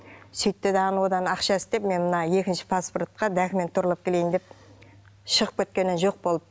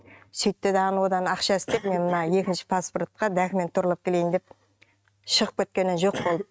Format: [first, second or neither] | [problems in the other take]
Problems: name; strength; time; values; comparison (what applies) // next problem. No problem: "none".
first | noise reduction (neural mask model RNNoise)